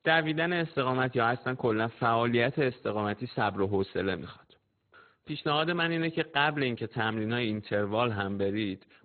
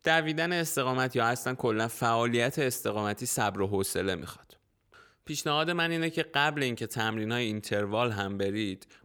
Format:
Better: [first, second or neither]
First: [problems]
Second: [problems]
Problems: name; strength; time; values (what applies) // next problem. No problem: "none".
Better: second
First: garbled, watery; badly; nothing above 4 kHz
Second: none